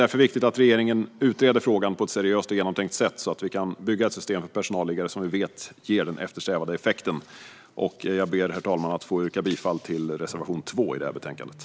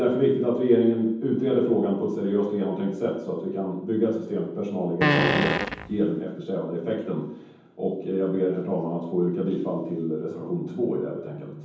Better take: first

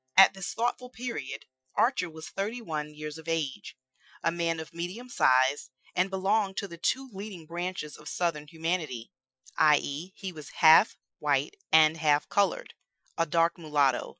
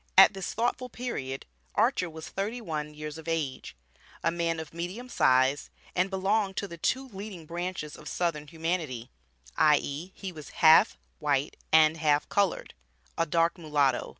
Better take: second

